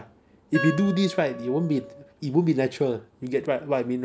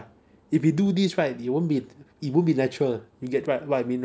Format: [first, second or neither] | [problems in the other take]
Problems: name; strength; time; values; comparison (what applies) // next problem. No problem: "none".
second | background sound (Wind instrument, woodwind instrument); 11 dB below the speech